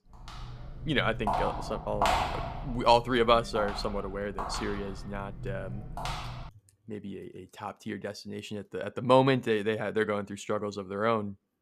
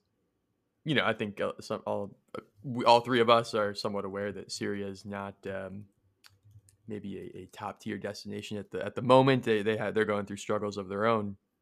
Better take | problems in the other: second | footsteps; loud; until 6.5 s; peak 3 dB above the speech

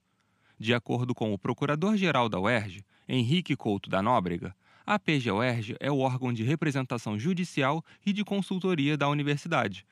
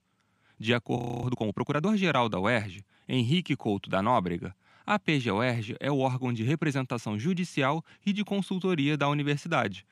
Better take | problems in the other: first | audio freezing; at 1 s

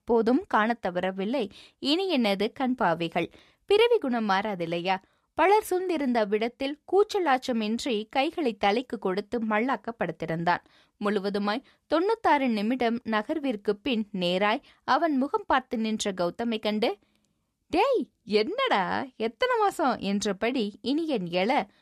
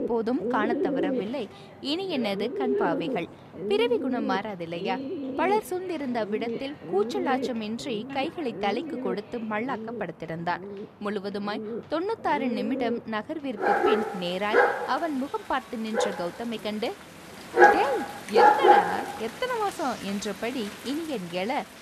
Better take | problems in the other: first | animal sounds; very loud; throughout; 3 dB above the speech

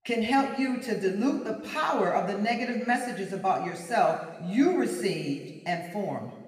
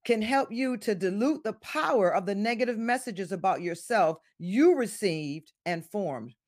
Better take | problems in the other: second | room echo; slight; dies away in 1.5 s

